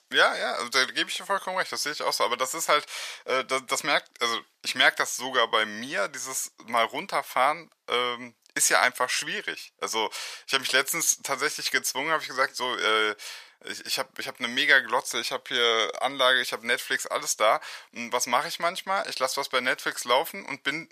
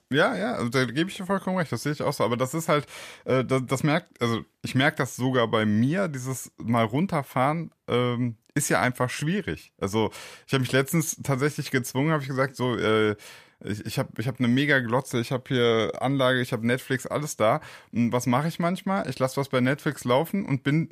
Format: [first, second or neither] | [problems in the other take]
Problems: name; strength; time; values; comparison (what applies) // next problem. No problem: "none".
second | thin; very; fading below 750 Hz